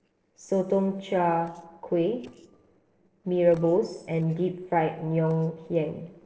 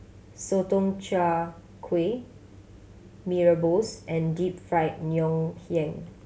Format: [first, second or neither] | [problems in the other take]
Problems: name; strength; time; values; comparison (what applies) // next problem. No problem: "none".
second | noise reduction (neural separator model SepFormer DNS4)